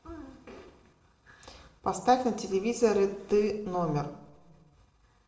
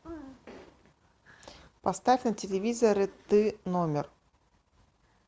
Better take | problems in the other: second | room echo; dies away in 0.7 s

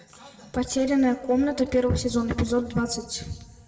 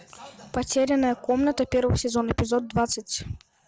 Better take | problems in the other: second | room echo; dies away in 1.1 s

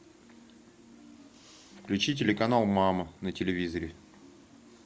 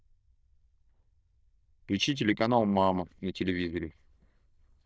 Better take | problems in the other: first | noise reduction (neural diffusion model UNIVERSE++)

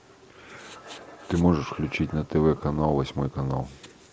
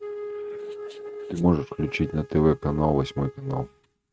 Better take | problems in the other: first | noise reduction (neural mask model RNNoise)

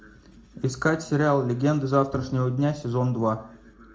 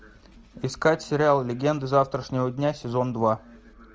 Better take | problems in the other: second | background sound (Bowed string instrument); 16 dB below the speech // room echo; dies away in 0.4 s

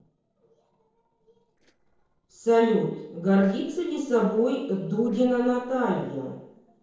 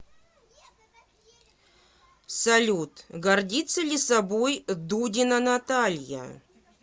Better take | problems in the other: second | noise reduction (neural separator model SepFormer DNS4)

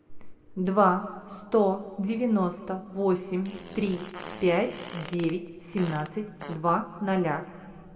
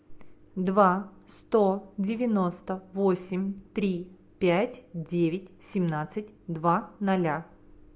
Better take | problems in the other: second | background sound (Fart); 15 dB below the speech // room echo; dies away in 1.7 s

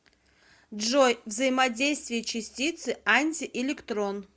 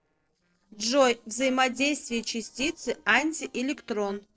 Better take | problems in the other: first | noise reduction (neural separator model SepFormer DNS4)

